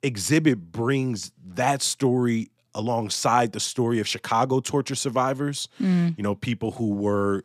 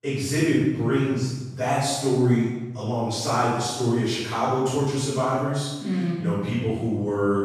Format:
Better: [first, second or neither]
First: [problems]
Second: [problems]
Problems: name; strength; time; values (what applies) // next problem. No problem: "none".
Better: first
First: none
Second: off-mic speech; far // room echo; strong; dies away in 1.1 s